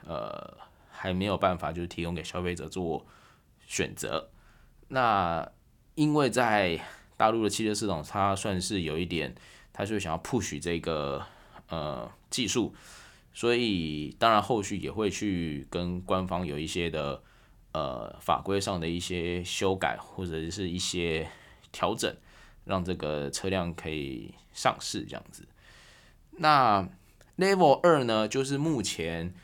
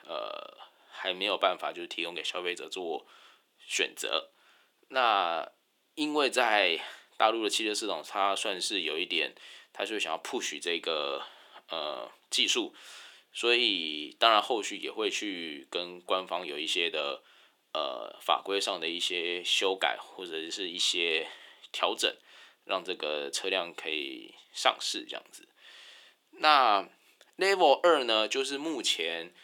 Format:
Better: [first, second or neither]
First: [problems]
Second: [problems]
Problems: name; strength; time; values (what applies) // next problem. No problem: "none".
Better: first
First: none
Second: thin; somewhat; fading below 350 Hz